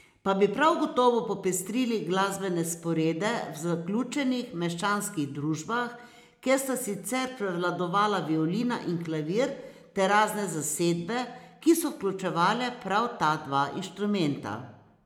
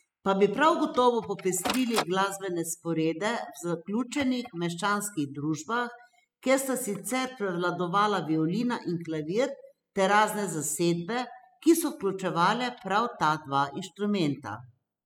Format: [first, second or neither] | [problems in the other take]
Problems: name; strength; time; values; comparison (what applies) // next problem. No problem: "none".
first | noise reduction (classical method spectral subtraction)